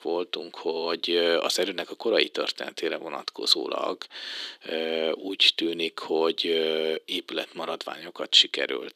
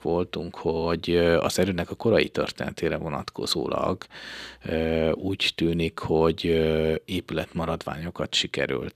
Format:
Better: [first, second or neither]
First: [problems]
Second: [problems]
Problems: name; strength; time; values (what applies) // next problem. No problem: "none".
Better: second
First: thin; somewhat; fading below 300 Hz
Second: none